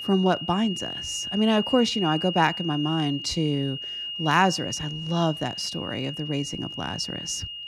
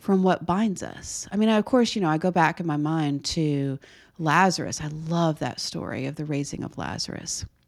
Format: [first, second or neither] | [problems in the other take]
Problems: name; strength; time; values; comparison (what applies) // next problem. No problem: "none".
second | high-pitched whine; loud; throughout; 3 kHz, 6 dB below the speech